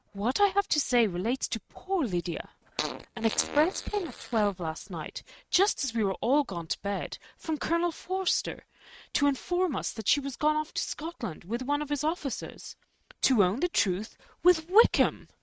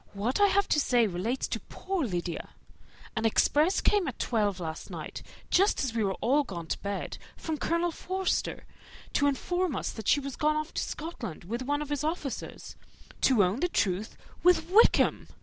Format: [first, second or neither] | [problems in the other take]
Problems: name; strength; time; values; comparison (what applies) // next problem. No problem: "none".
second | noise reduction (neural mask model RNNoise)